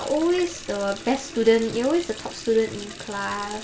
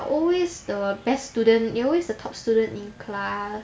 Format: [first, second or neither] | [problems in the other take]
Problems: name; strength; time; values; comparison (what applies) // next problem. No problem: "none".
second | background sound (Water tap, faucet); 15 dB below the speech